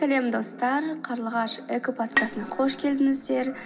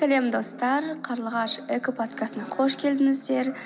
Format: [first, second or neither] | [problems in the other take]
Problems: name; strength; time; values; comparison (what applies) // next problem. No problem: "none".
second | background sound (Bowed string instrument); 6 dB below the speech // room echo; dies away in 0.3 s